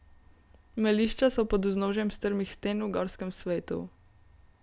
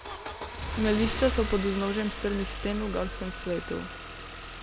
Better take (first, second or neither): first